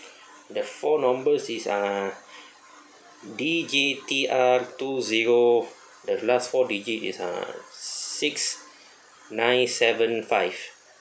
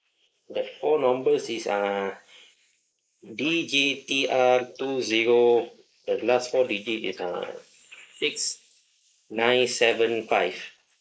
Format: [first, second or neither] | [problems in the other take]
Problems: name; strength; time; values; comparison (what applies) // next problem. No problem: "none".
first | noise reduction (neural mask model Resemble Enhance denoiser)